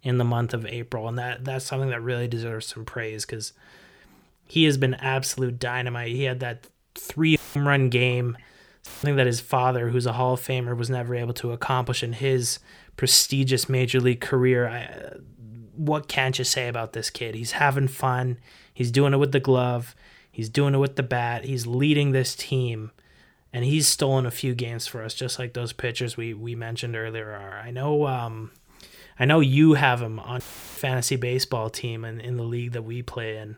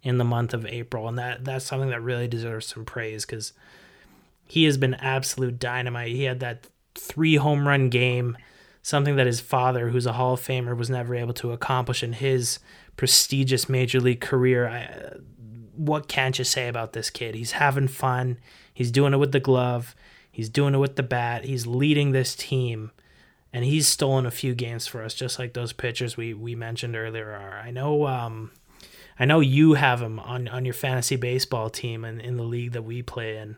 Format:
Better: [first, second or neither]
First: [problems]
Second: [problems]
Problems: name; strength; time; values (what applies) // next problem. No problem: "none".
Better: second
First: audio cutting out; filled with static; at 7.5 s, at 9 s and at 30 s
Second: none